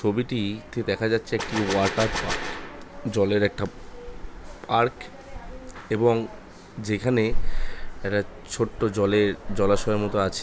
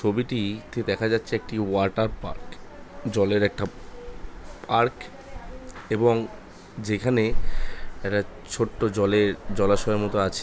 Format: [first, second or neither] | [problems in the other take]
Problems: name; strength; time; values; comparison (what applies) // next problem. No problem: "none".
second | background sound (Gunshot, gunfire); 7 dB below the speech